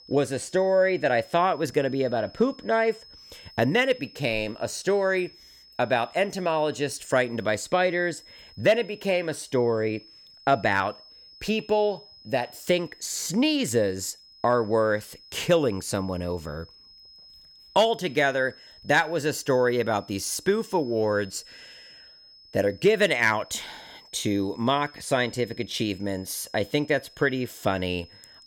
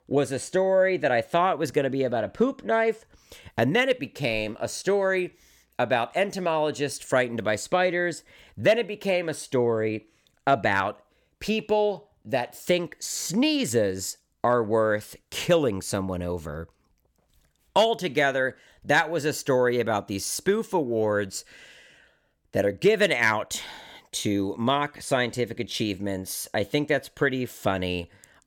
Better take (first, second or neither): second